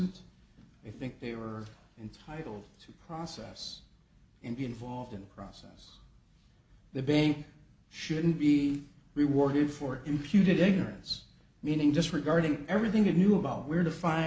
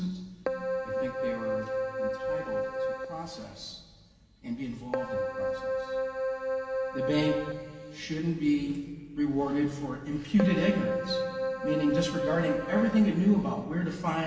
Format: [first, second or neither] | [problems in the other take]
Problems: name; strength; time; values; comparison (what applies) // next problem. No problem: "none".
first | background sound (Keyboard (musical)); 2 dB below the speech // room echo; dies away in 1.9 s